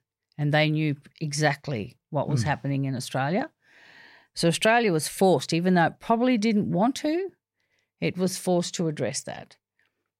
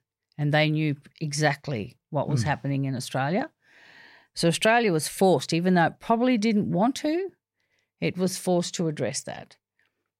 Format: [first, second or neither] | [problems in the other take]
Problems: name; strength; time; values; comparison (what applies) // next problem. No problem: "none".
neither | none